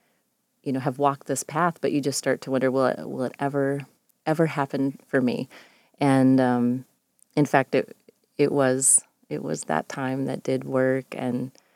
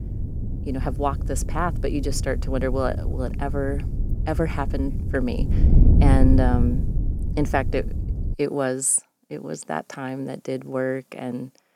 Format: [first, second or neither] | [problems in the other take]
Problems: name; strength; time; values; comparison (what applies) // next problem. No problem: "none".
first | wind noise on the microphone; occasional gusts; until 8.5 s; 10 dB below the speech